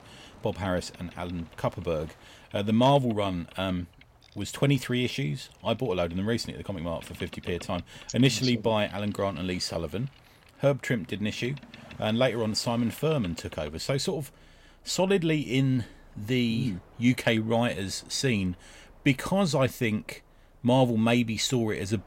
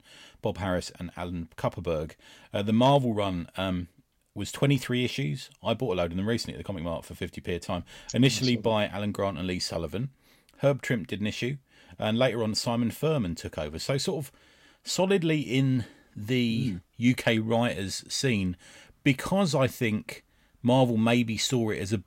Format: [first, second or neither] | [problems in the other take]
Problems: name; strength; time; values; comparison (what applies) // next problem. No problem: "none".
second | train or aircraft noise; faint; throughout; 25 dB below the speech